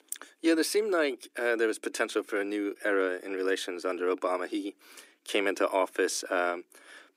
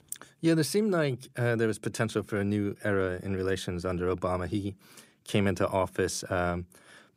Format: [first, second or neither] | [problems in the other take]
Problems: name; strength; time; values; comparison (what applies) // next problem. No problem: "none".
second | thin; somewhat; fading below 250 Hz